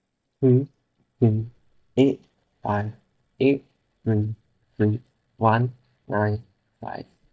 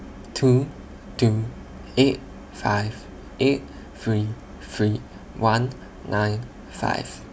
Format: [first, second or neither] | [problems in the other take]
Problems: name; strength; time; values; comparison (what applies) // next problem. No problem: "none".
second | noise reduction (neural mask model DeepFilterNet 3)